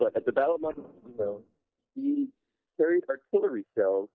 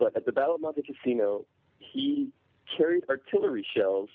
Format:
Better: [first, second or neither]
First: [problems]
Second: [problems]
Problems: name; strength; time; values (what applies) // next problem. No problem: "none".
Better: second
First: noise reduction (neural mask model DeepFilterNet 3)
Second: none